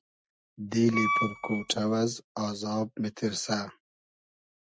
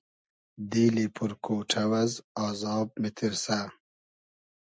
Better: second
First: noise reduction (neural mask model RNNoise)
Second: none

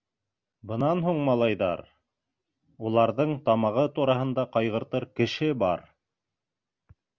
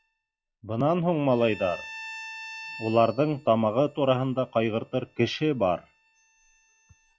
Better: first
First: none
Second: noise reduction (classical method log-MMSE)

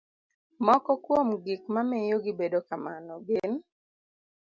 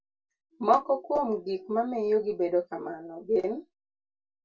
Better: first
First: none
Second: room echo; dies away in 0.2 s

